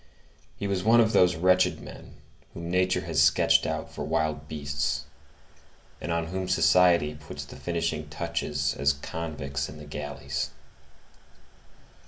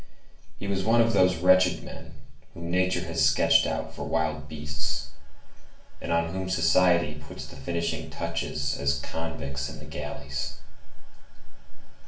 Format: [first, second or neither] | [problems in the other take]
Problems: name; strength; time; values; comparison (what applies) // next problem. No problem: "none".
first | room echo; dies away in 0.4 s